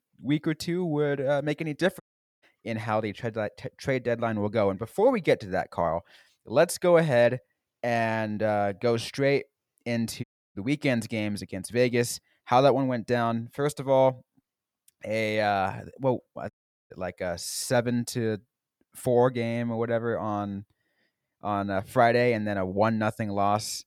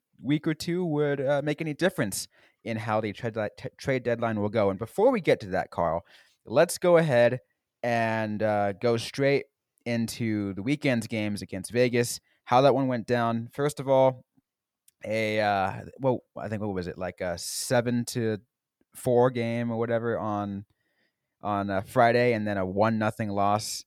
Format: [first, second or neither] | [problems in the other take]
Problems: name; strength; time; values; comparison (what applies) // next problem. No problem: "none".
second | audio cutting out; at 2 s, at 10 s and at 17 s